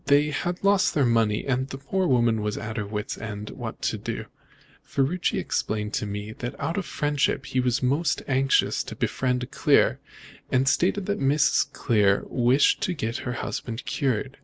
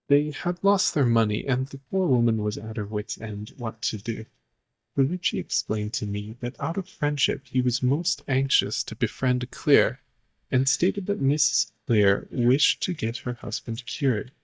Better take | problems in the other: first | noise reduction (neural mask model DeepFilterNet 3)

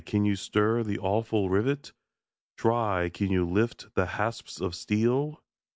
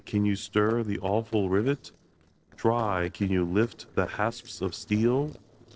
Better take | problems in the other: first | noise reduction (neural separator model SepFormer DNS4)

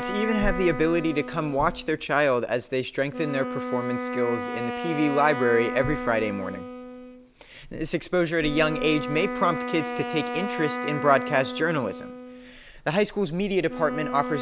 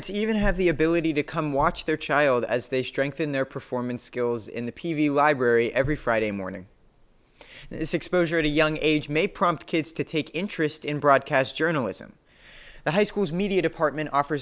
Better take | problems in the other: second | background sound (Wind instrument, woodwind instrument); 7 dB below the speech

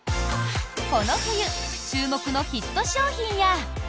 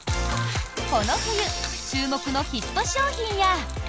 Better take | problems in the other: first | background sound (Gurgling / Liquid); 15 dB below the speech

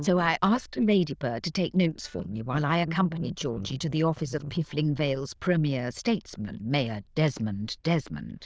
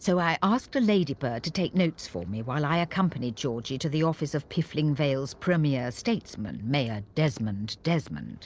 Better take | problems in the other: second | noise reduction (neural diffusion model UNIVERSE++)

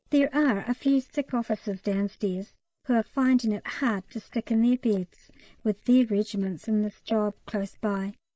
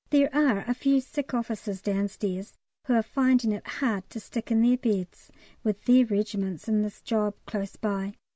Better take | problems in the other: second | noise reduction (neural mask model Resemble Enhance denoiser)

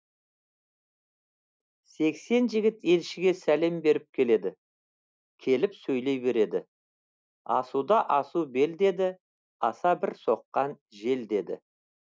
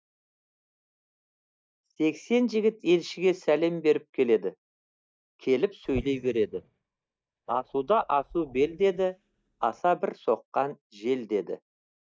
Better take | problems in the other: first | noise reduction (neural mask model DeepFilterNet 3)

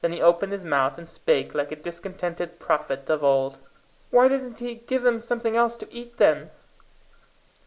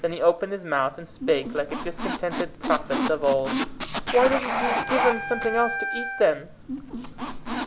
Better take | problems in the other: first | background sound (Wind instrument, woodwind instrument + Squeak); 4 dB below the speech

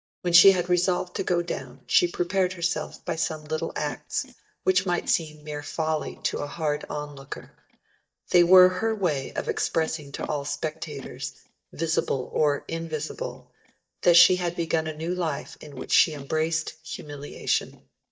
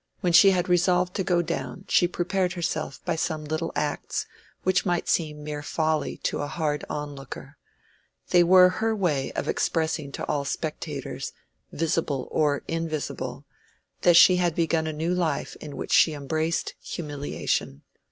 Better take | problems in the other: second | noise reduction (neural mask model DeepFilterNet 3)

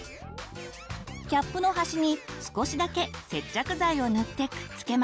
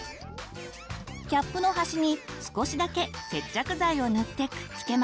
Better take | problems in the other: first | background sound (Alarm); 18 dB below the speech

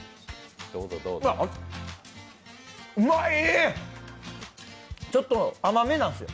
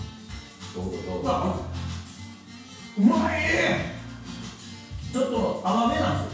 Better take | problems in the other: first | room echo; dies away in 0.6 s

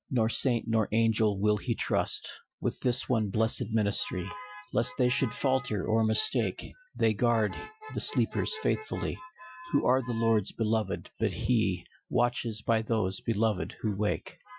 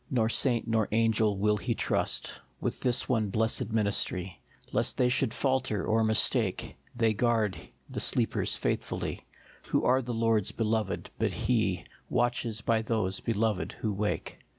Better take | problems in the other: second | noise reduction (classical method Wiener filter)

